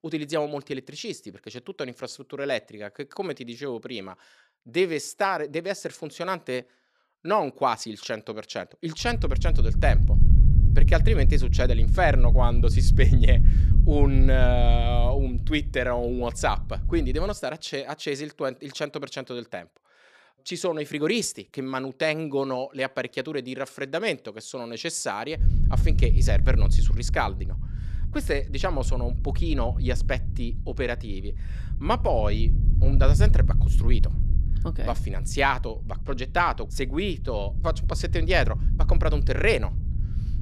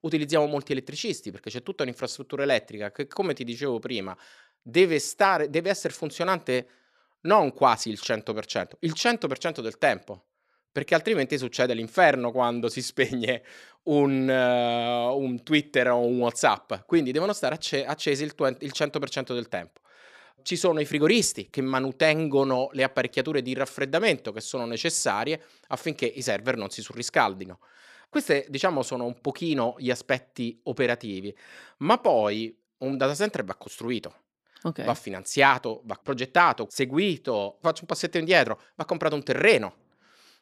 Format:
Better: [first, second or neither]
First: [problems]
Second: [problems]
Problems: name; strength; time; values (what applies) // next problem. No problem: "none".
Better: second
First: low rumble; noticeable; from 9 to 17 s and from 25 s on; 15 dB below the speech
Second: none